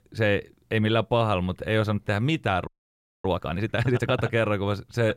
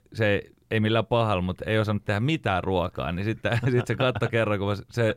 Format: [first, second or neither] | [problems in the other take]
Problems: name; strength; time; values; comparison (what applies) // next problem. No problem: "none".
second | audio freezing; at 2.5 s for 0.5 s